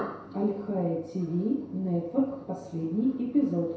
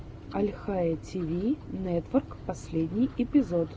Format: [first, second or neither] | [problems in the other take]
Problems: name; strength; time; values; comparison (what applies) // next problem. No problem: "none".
second | room echo; dies away in 0.7 s